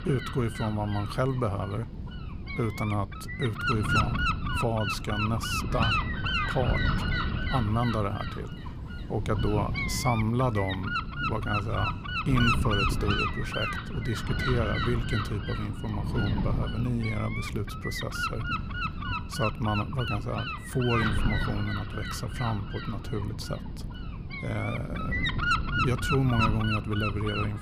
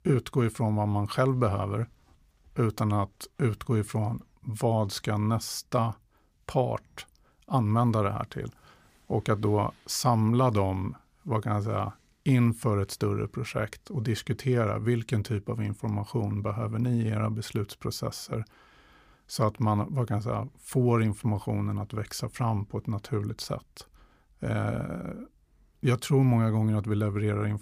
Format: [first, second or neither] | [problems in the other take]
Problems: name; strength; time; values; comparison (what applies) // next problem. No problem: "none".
second | wind noise on the microphone; heavy; 4 dB above the speech